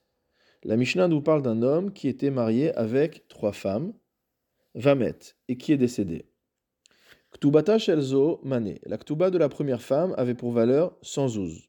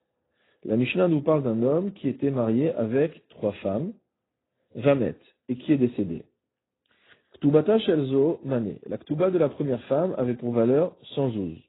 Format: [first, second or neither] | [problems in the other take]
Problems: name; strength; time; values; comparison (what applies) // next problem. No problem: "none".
first | garbled, watery; badly; nothing above 4 kHz